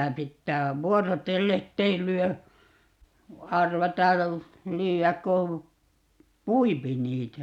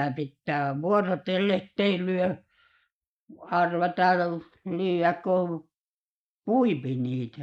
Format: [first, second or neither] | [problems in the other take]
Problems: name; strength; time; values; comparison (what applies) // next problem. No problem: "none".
first | noise reduction (neural mask model Resemble Enhance denoiser)